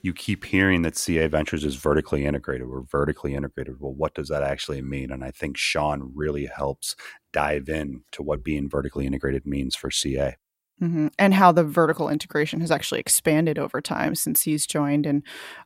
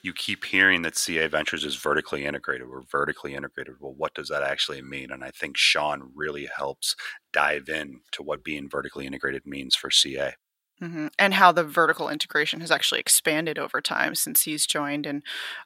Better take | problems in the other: first | thin; somewhat; fading below 700 Hz

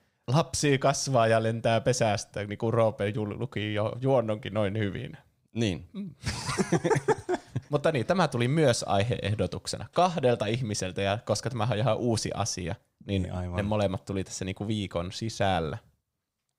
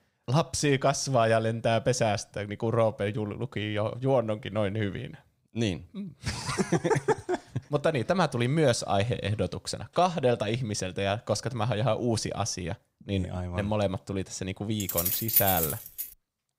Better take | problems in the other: first | jangling keys; loud; from 15 to 16 s; peak 6 dB above the speech

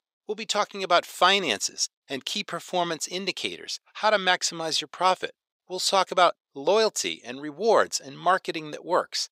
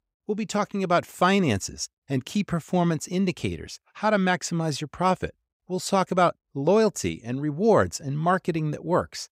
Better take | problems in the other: second | thin; somewhat; fading below 500 Hz

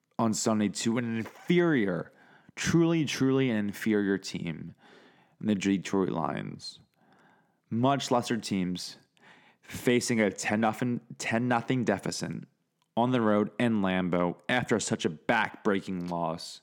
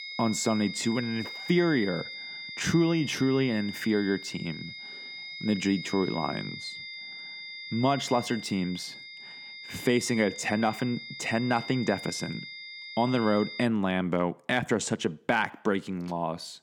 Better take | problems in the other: first | high-pitched whine; noticeable; until 14 s; 2 kHz, 10 dB below the speech

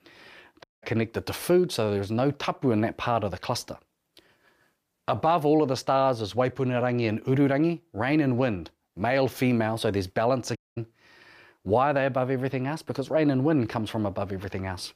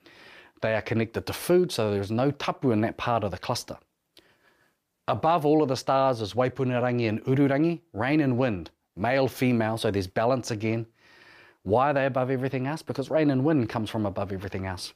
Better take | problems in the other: second | audio cutting out; at 0.5 s and at 11 s

